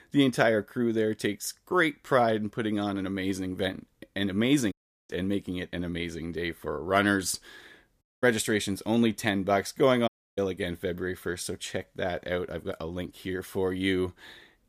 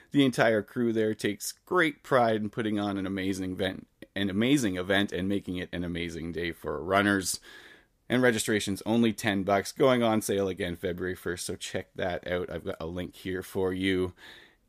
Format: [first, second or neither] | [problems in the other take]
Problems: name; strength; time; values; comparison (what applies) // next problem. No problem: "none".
second | audio cutting out; at 4.5 s, at 8 s and at 10 s